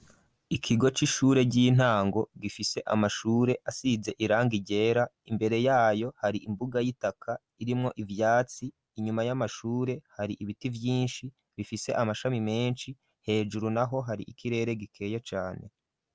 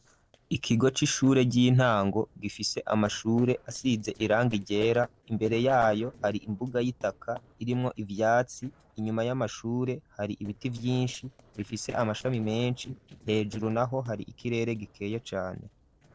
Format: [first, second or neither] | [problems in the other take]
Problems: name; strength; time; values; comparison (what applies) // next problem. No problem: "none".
first | noise reduction (neural separator model SepFormer DNS4)